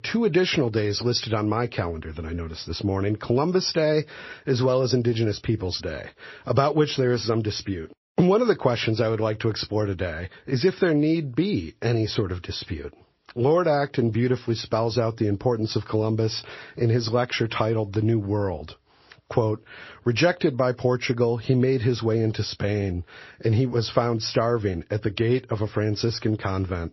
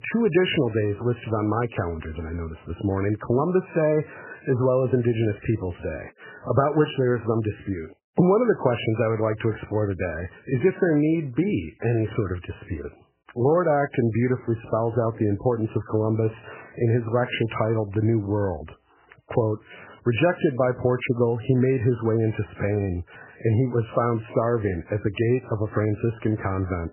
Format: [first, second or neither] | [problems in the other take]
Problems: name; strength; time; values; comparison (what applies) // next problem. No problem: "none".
first | garbled, watery; badly; nothing above 3 kHz; slightly in the first